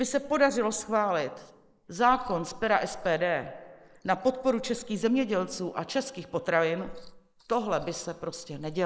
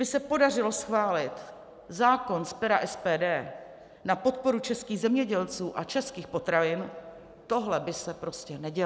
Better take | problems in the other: second | noise reduction (neural mask model Resemble Enhance denoiser)

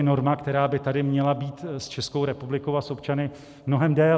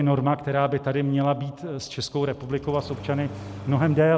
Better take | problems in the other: first | background sound (Engine starting); 15 dB below the speech

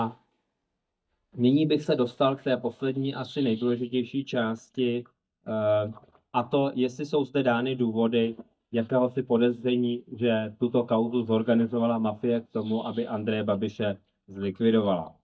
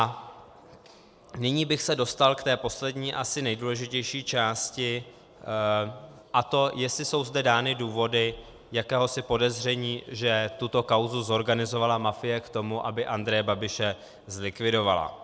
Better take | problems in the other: second | noise reduction (neural mask model DeepFilterNet 3)

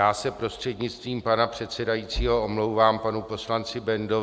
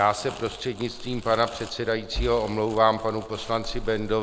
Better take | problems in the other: first | background sound (Crumpling, crinkling); 14 dB below the speech

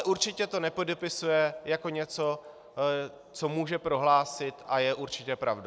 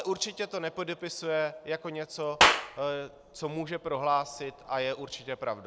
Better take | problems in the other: first | background sound (Clapping); 2 dB above the speech

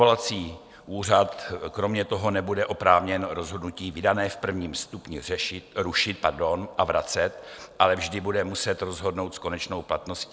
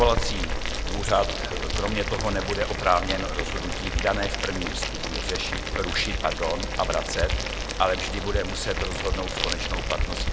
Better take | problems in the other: first | background sound (Boiling); as loud as the speech

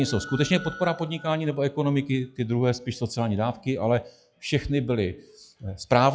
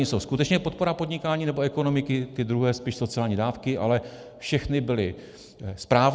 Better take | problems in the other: second | noise reduction (classical method log-MMSE)

